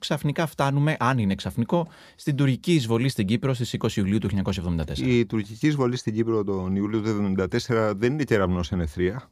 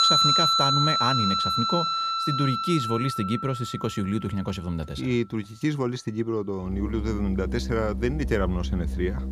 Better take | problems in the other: first | background music; very loud; throughout; 3 dB above the speech

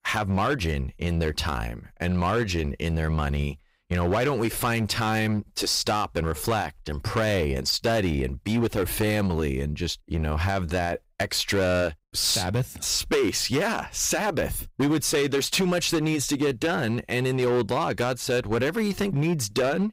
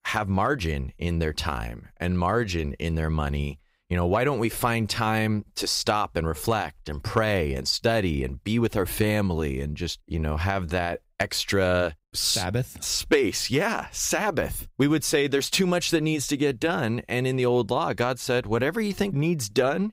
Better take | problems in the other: second | distortion; slight; 10% of the sound clipped

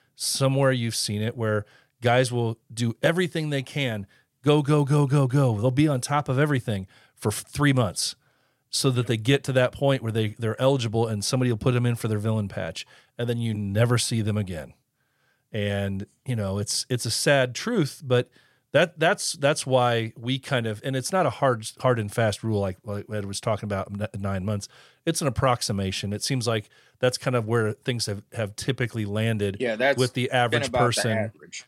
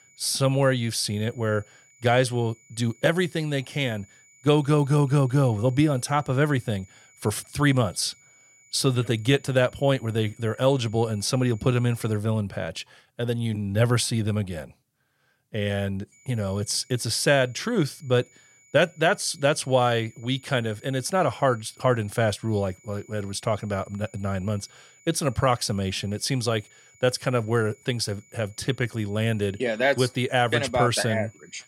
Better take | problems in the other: first | high-pitched whine; faint; until 12 s and from 16 s on; 7 kHz, 30 dB below the speech

